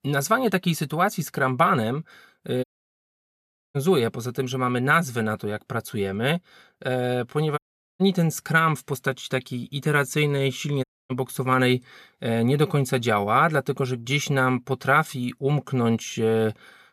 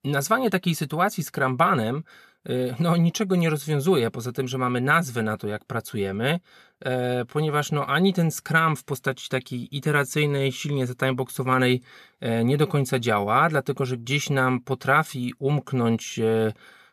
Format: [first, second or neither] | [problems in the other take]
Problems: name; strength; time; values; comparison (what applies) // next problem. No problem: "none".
second | audio cutting out; at 2.5 s for 1 s, at 7.5 s and at 11 s